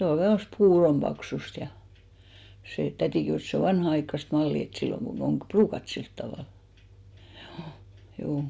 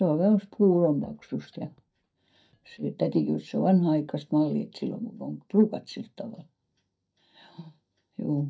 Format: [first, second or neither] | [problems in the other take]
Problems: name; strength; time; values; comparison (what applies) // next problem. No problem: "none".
first | noise reduction (neural mask model DeepFilterNet 3)